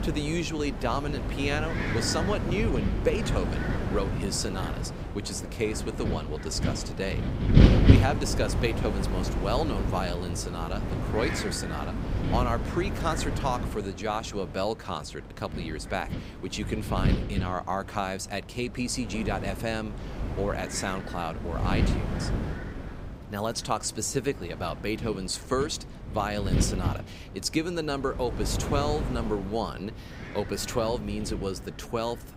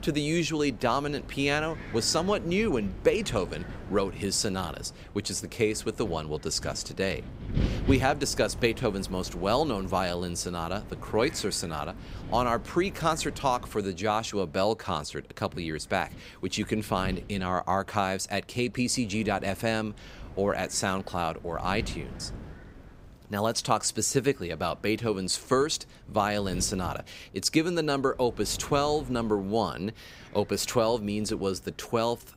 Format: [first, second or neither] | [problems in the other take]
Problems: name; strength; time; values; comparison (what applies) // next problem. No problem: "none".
second | wind noise on the microphone; heavy; 5 dB below the speech; occasional gusts in the second